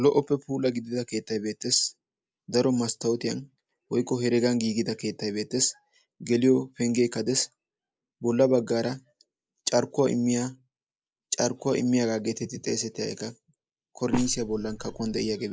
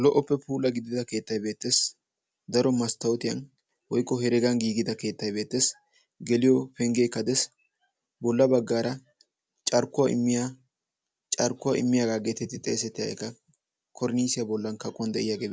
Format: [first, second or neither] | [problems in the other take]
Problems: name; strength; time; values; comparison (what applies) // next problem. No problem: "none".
second | noise reduction (neural mask model Resemble Enhance denoiser)